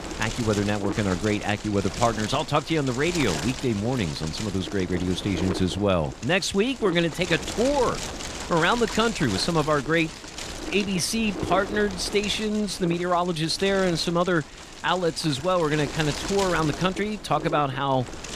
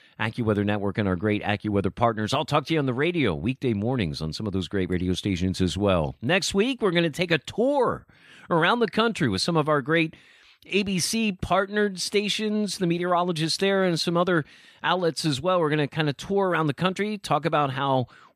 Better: second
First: wind noise on the microphone; heavy; 9 dB below the speech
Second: none

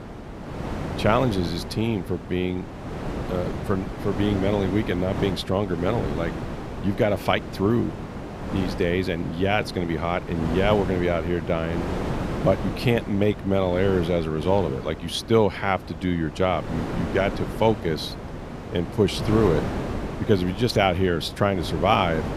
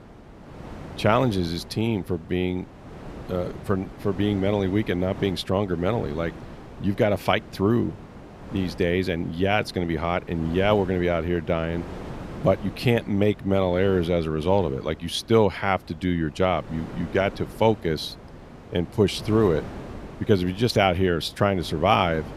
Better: second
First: wind noise on the microphone; heavy; 10 dB below the speech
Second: wind noise on the microphone; occasional gusts; 20 dB below the speech

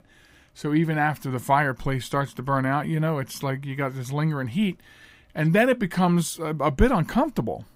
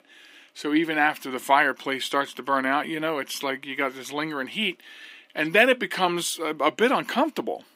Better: first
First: none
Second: thin; somewhat; fading below 300 Hz

